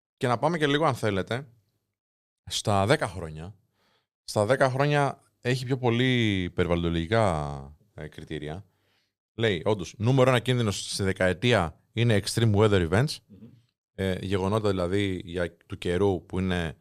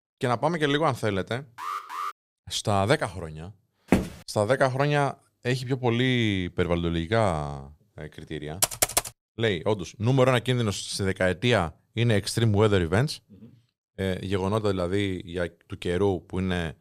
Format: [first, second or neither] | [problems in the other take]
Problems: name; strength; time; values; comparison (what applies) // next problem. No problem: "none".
first | alarm; noticeable; at 1.5 s; peak 7 dB below the speech // footsteps; noticeable; at 4 s; peak level with the speech // keyboard typing; loud; at 8.5 s; peak 3 dB above the speech